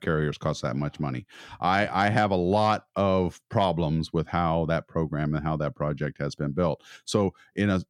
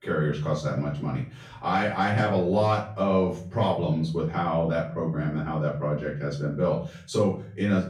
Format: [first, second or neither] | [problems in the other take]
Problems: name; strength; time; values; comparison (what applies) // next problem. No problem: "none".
first | off-mic speech; far // room echo; noticeable; dies away in 0.4 s